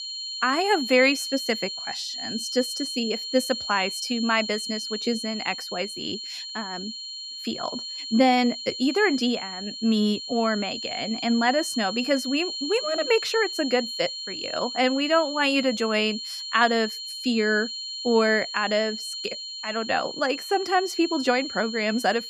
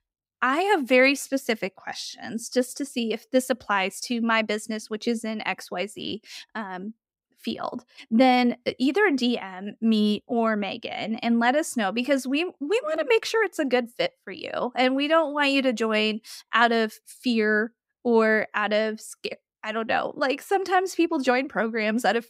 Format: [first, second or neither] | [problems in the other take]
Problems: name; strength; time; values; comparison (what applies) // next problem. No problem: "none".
second | high-pitched whine; loud; throughout; 4 kHz, 6 dB below the speech